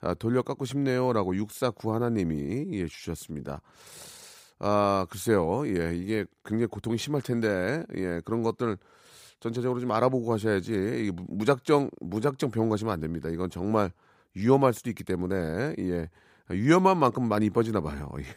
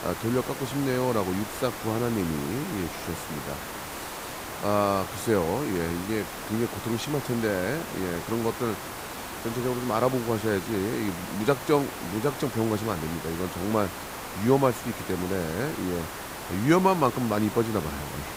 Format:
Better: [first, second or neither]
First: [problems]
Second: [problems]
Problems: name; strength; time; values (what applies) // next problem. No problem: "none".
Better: first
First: none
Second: hiss; loud; throughout; 8 dB below the speech